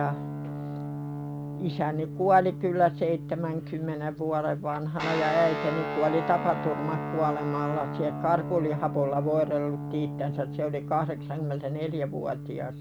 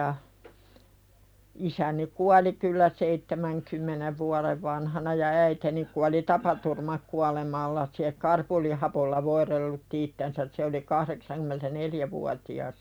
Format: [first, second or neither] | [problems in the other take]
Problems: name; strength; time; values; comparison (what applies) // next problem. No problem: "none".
second | background sound (Guitar); 6 dB below the speech